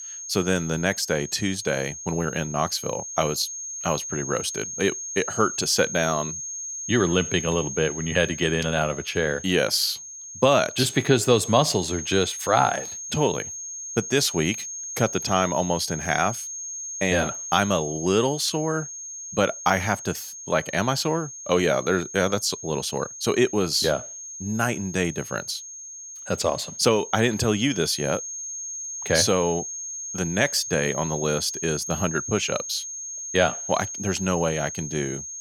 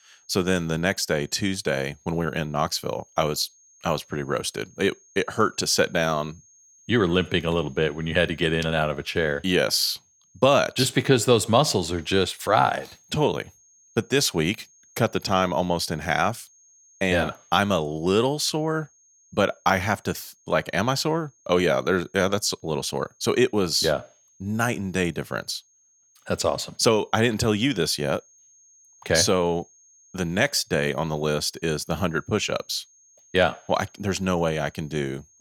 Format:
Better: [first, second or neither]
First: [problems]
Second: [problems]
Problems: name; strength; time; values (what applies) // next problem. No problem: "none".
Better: second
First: high-pitched whine; loud; throughout; 6.5 kHz, 8 dB below the speech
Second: high-pitched whine; faint; throughout; 6.5 kHz, 30 dB below the speech